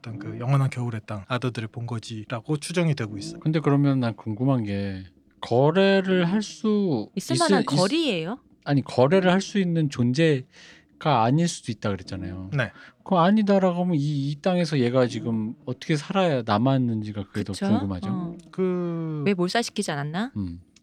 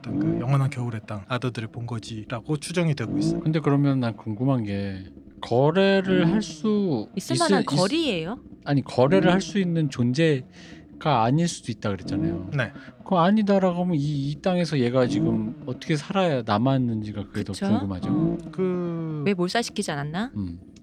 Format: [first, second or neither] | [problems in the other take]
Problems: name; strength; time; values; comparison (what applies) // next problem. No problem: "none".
first | low rumble; loud; throughout; 8 dB below the speech; faint in the first